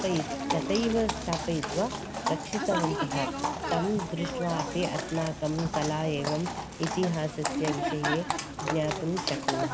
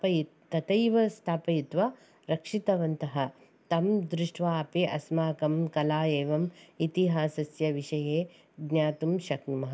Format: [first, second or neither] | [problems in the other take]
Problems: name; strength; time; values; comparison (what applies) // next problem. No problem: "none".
second | background sound (Livestock, farm animals, working animals); 2 dB below the speech